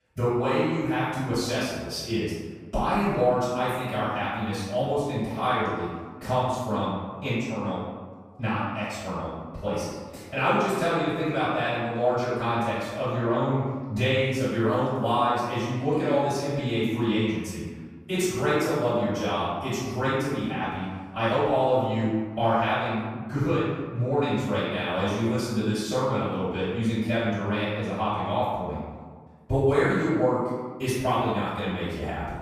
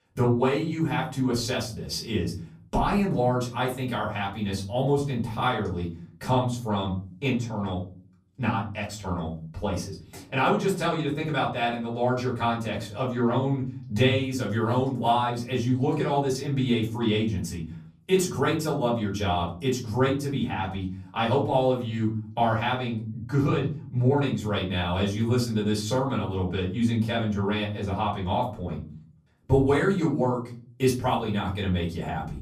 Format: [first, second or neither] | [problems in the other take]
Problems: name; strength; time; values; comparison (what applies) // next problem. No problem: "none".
second | room echo; strong; dies away in 1.4 s; slight in the second // off-mic speech; far; far in the second